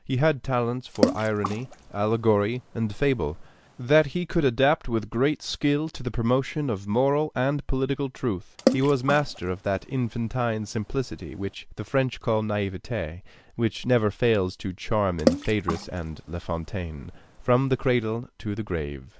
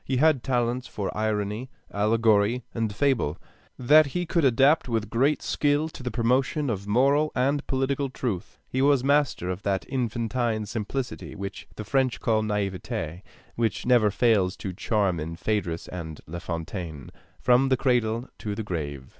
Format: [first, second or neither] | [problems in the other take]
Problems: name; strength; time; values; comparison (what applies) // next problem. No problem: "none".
second | background sound (Water / Splash, splatter); 6 dB below the speech